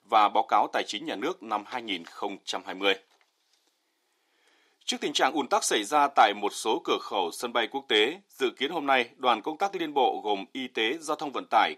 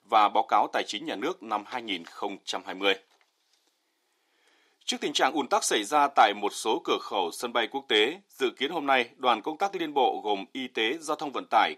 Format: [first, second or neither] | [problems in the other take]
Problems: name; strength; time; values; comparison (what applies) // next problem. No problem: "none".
neither | thin; very; fading below 350 Hz; the same in both